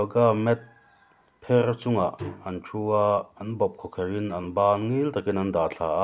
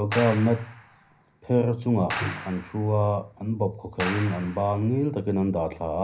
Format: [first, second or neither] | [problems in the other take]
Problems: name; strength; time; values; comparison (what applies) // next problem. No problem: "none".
first | background sound (Clapping); 12 dB below the speech // room echo; dies away in 0.5 s